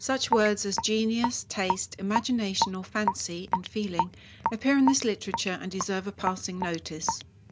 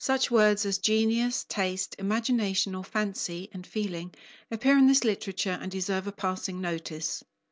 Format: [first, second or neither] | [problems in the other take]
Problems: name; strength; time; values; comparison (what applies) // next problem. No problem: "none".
second | background sound (Raindrop / Drip); 5 dB below the speech